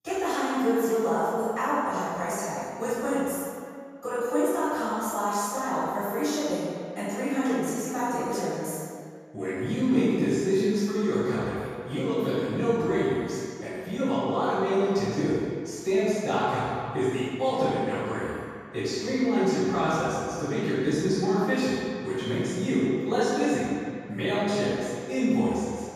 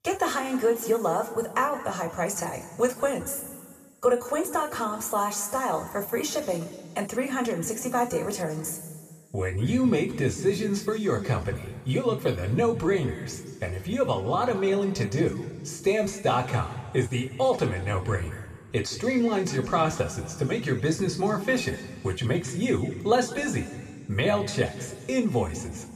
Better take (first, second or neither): second